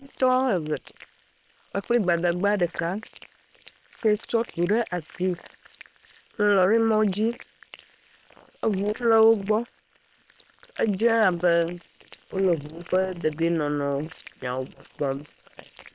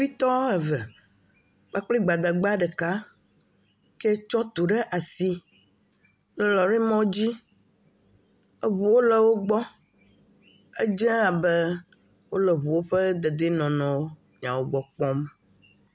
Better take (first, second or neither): second